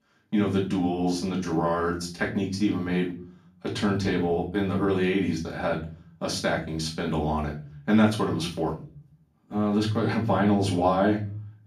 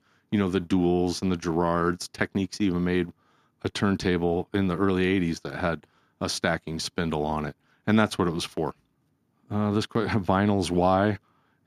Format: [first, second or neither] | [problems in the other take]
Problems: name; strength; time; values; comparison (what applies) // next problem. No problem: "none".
second | off-mic speech; far // room echo; slight; dies away in 0.5 s